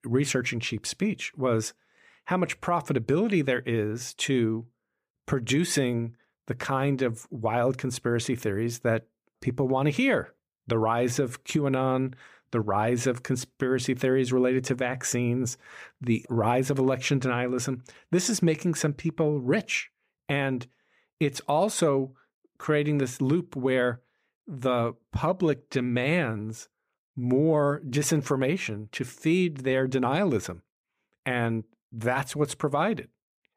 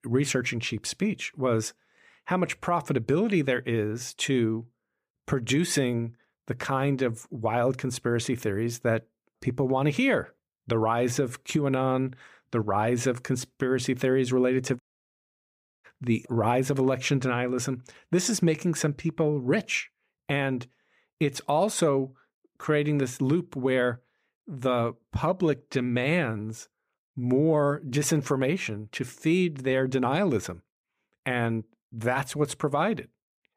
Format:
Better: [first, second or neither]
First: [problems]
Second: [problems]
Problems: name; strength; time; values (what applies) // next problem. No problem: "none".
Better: first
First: none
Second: audio cutting out; at 15 s for 1 s